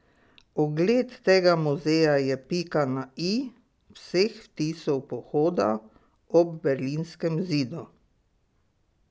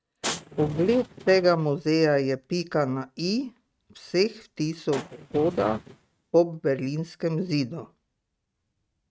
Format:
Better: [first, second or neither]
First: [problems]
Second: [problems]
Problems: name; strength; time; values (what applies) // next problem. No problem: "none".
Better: first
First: none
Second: noise reduction (neural mask model RNNoise)